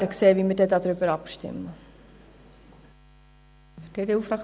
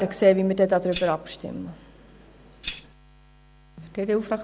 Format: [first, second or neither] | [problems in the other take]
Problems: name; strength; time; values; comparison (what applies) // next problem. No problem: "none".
first | background sound (Tambourine); 13 dB below the speech